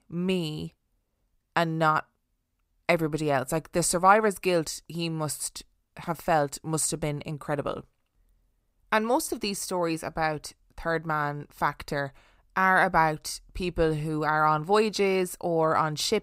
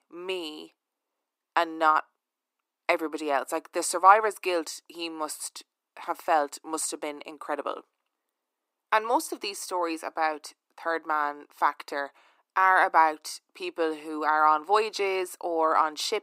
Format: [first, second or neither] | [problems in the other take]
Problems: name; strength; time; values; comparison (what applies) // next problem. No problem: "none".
first | thin; very; fading below 300 Hz